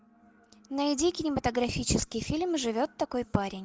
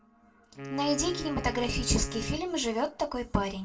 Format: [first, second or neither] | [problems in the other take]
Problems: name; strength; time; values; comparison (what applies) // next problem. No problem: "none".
first | background sound (Wind instrument, woodwind instrument); 11 dB below the speech // room echo; dies away in 0.2 s